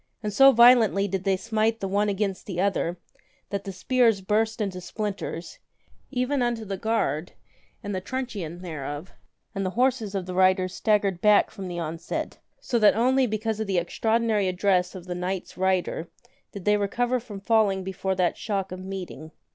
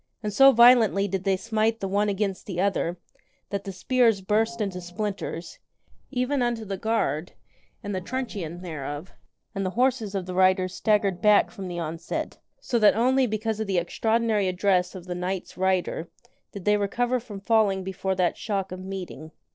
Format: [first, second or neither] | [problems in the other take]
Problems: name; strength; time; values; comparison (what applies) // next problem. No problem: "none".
first | noise reduction (neural separator model SepFormer DNS4)